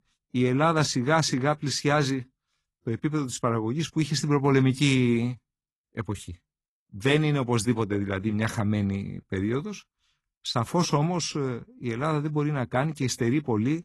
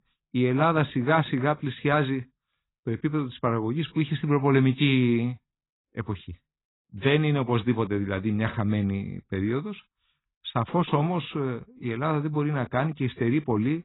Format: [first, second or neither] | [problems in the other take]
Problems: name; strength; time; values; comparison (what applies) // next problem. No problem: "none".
first | garbled, watery; badly; nothing above 4 kHz; slightly in the first